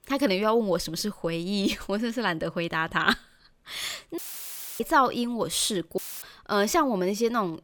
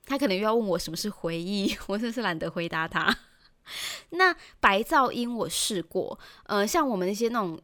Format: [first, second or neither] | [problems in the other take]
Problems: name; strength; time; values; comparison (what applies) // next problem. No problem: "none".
second | audio cutting out; filled with static; at 4 s for 0.5 s and at 6 s